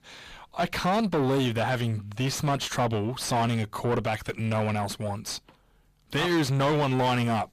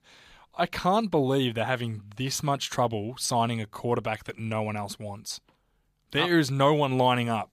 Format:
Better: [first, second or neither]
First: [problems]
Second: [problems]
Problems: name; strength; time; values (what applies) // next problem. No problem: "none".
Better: second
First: distortion; heavy; 6 dB below the speech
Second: none